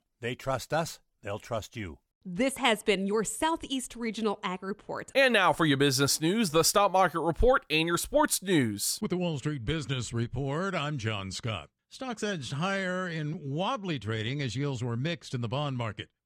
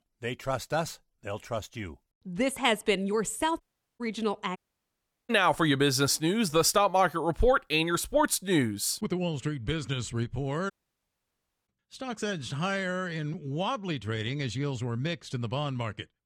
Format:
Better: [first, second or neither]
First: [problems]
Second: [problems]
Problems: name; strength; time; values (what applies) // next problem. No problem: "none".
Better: first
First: none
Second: audio cutting out; at 3.5 s, at 4.5 s for 0.5 s and at 11 s for 1 s